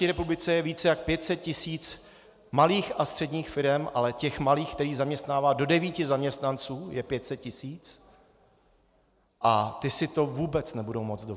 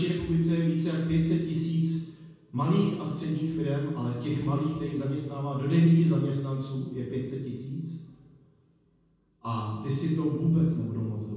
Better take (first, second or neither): first